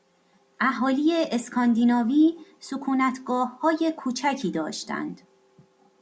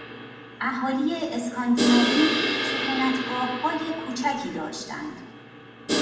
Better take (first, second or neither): first